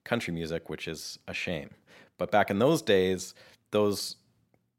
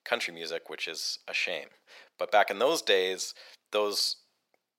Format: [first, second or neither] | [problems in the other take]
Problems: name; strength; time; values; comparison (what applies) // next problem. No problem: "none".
first | thin; very; fading below 600 Hz